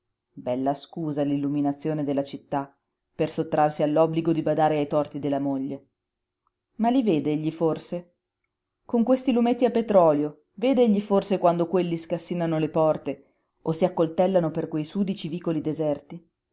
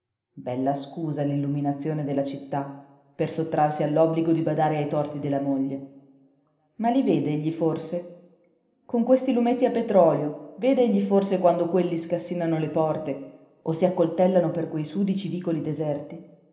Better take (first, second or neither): first